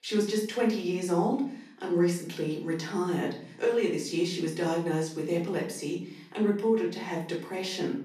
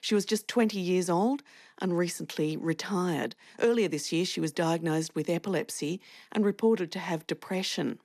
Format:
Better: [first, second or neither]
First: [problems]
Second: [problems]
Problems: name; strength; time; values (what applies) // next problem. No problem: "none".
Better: second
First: off-mic speech; far // room echo; slight; dies away in 0.5 s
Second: none